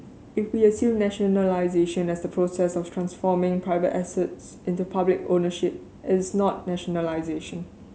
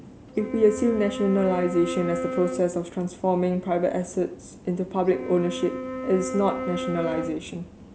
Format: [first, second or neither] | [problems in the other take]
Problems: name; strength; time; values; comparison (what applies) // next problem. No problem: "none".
first | background sound (Wind instrument, woodwind instrument); 8 dB below the speech